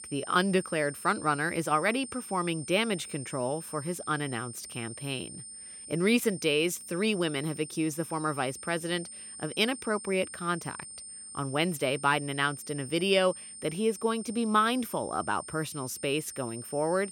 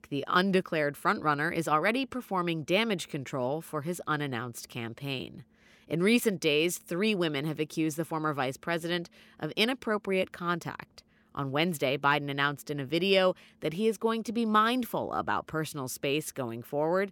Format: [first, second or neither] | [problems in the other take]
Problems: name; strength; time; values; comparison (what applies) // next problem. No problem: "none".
second | high-pitched whine; noticeable; throughout; 8.5 kHz, 10 dB below the speech